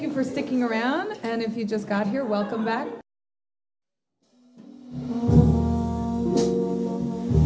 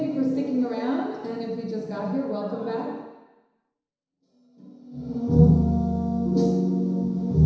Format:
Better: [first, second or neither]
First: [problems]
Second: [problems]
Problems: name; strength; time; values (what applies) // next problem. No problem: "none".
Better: first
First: none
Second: room echo; dies away in 1 s